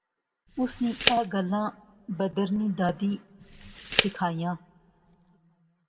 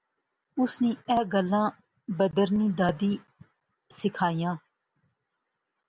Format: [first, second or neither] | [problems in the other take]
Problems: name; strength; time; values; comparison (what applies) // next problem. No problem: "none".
second | background sound (Tick); 4 dB below the speech // room echo; dies away in 1.1 s